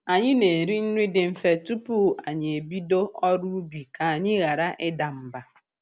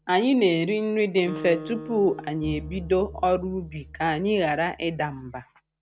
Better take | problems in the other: first | background sound (Acoustic guitar + Bowed string instrument); 16 dB below the speech

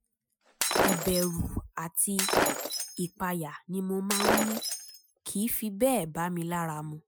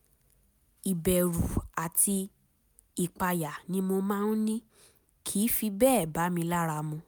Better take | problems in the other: second | noise reduction (classical method Wiener filter)

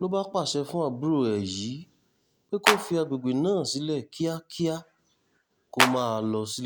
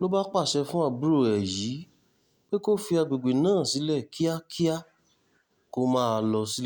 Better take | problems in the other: second | background sound (Clapping); 3 dB above the speech

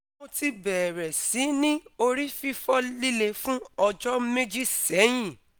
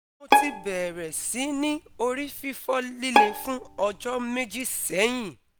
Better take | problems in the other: first | background sound (Bowed string instrument); 1 dB above the speech

